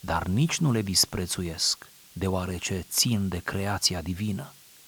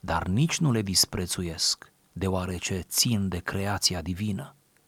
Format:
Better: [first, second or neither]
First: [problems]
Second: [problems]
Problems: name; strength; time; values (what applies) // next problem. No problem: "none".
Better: second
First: hiss; faint; throughout; 25 dB below the speech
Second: none